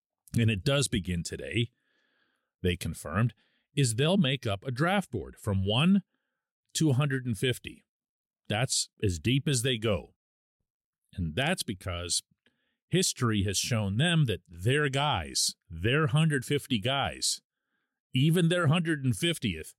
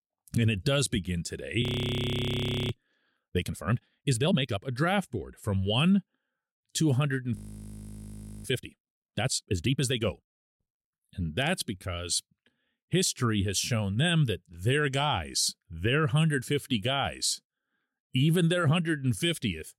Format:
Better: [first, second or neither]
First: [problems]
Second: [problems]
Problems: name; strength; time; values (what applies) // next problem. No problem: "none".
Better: first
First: none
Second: audio freezing; at 1.5 s for 1 s and at 7.5 s for 1 s